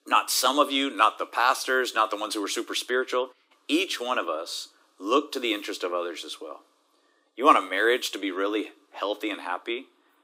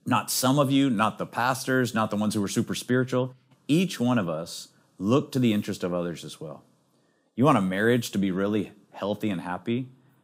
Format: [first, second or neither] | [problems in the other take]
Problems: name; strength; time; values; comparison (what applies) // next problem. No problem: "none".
second | thin; somewhat; fading below 300 Hz